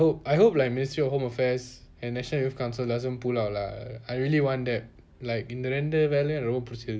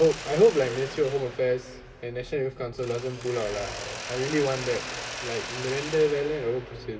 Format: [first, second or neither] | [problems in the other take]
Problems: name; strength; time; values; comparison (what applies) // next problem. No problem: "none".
first | background sound (Mechanisms); 11 dB below the speech // room echo; dies away in 2.3 s